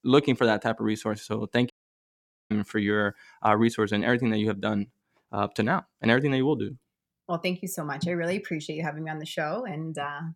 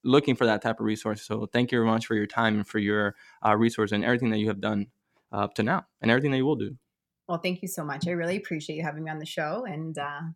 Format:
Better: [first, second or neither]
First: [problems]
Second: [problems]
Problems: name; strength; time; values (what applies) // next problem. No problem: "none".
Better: second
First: audio cutting out; at 1.5 s for 1 s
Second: none